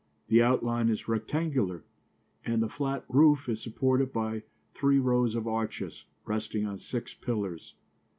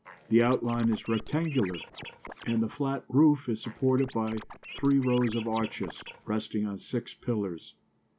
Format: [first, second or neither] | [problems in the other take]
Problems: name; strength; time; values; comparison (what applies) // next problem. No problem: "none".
first | background sound (Scratching (performance technique)); 16 dB below the speech